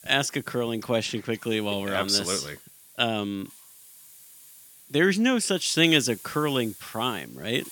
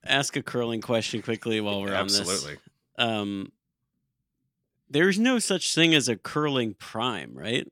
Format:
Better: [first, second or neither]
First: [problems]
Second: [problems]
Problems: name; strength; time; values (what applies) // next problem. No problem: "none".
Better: second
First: hiss; faint; throughout; 20 dB below the speech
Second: none